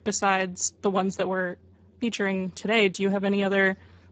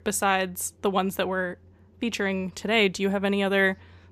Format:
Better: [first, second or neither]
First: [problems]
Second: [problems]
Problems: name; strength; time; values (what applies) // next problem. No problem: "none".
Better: second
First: garbled, watery; badly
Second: none